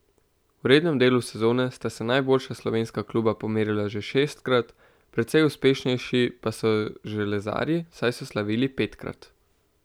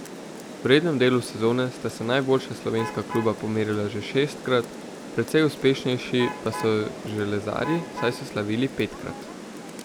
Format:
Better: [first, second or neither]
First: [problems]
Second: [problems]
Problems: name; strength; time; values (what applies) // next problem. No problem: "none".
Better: first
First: none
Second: background sound (Rain + Alarm / Truck); 11 dB below the speech